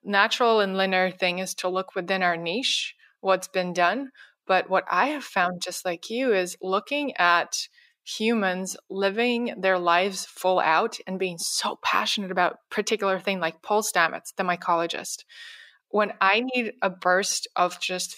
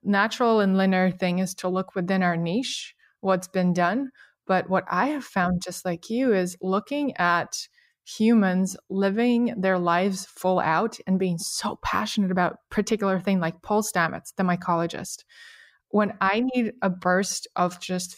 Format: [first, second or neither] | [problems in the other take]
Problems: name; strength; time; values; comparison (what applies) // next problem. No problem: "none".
second | thin; somewhat; fading below 350 Hz